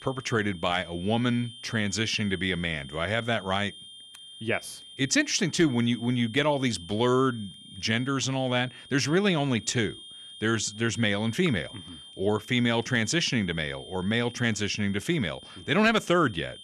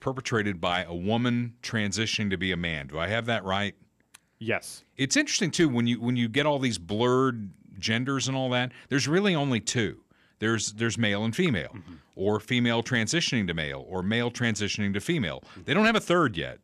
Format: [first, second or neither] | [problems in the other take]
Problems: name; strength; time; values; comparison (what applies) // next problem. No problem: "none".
second | high-pitched whine; noticeable; throughout; 3 kHz, 15 dB below the speech